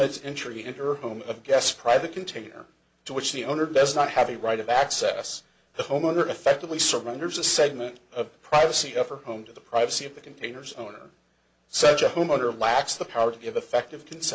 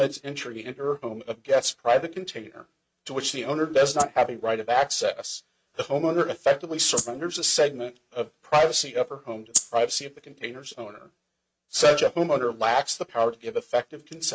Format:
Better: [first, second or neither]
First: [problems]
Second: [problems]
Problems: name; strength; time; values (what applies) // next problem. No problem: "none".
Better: first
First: none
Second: noise reduction (neural mask model RNNoise)